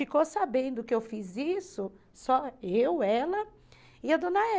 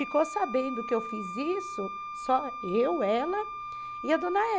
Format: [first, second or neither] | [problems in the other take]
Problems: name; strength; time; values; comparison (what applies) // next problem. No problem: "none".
first | background sound (Wind instrument, woodwind instrument); 8 dB below the speech